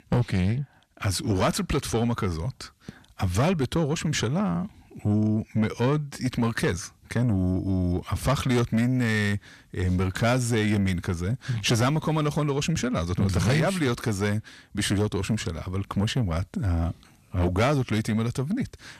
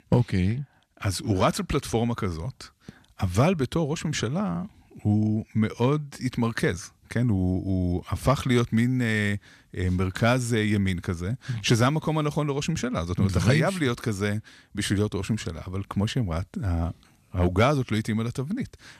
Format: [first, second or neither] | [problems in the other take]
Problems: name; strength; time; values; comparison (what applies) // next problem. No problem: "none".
second | distortion; slight; 10 dB below the speech